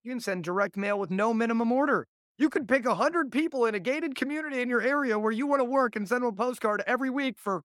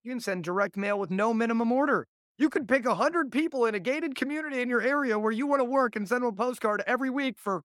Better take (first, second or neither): neither